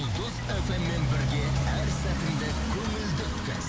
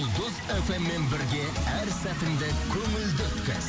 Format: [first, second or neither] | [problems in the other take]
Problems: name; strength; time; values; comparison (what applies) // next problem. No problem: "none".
second | background sound (Motorcycle); as loud as the speech